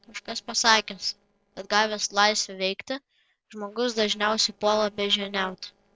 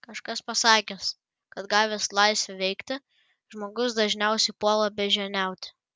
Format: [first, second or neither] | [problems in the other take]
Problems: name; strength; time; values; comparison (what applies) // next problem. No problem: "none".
second | noise reduction (neural separator model SepFormer DNS4)